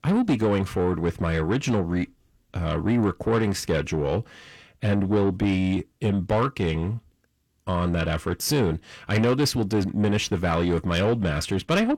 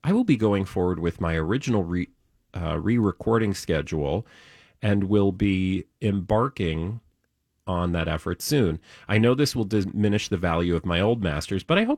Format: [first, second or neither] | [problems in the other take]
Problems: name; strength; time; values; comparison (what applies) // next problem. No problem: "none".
second | distortion; slight; 10 dB below the speech